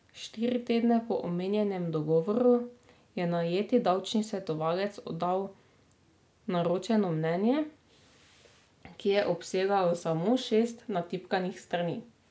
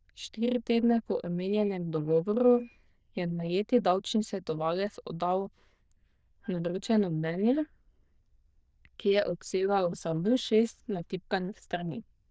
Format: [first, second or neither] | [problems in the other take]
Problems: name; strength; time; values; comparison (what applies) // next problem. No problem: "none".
first | noise reduction (neural diffusion model UNIVERSE++)